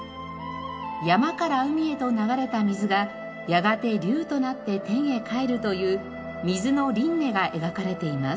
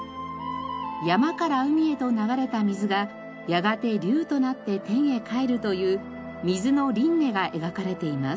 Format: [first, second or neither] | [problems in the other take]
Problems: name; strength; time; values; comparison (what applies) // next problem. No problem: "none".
second | room echo; dies away in 1 s